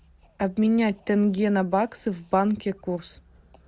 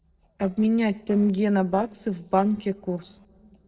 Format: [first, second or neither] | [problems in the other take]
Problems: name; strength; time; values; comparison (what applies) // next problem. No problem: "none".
first | noise reduction (neural separator model SepFormer DNS4)